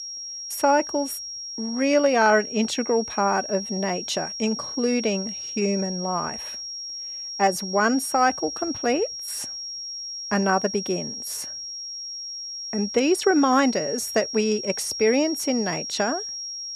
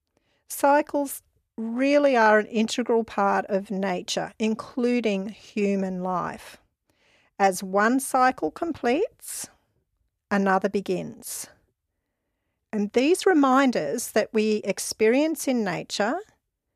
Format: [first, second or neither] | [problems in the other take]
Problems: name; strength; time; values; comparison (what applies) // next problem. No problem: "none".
second | high-pitched whine; loud; throughout; 5.5 kHz, 7 dB below the speech